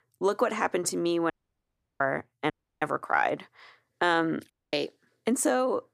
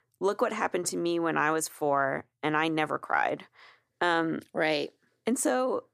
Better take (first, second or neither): second